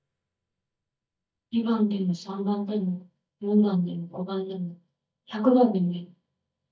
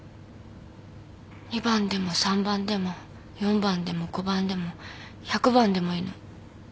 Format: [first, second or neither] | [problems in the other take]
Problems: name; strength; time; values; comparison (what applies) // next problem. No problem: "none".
second | noise reduction (neural mask model DeepFilterNet 3)